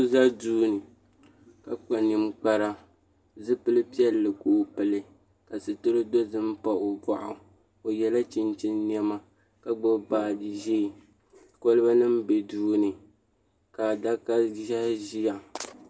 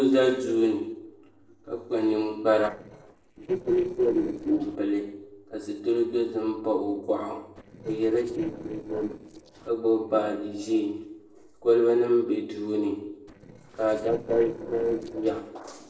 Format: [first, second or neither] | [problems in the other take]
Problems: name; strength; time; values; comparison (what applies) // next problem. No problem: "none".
first | noise reduction (neural separator model SepFormer DNS4)